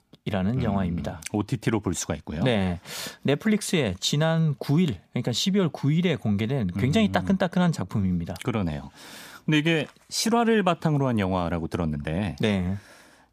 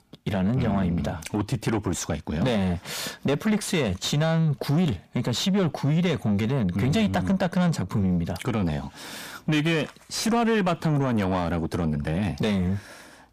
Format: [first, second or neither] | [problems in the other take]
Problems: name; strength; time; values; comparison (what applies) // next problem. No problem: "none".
first | distortion; slight; 10 dB below the speech